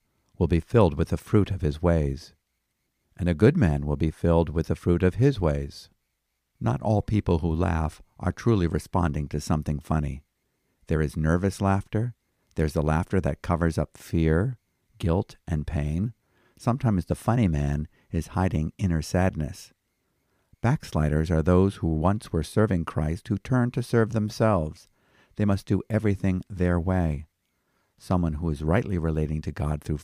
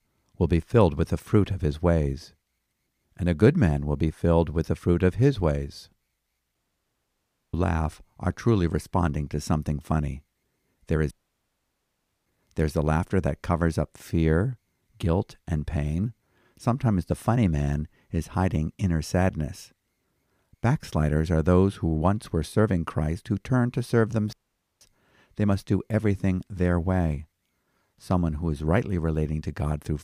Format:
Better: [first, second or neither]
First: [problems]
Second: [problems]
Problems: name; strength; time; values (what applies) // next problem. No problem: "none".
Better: first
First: none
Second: audio cutting out; at 6.5 s for 1 s, at 11 s for 1 s and at 24 s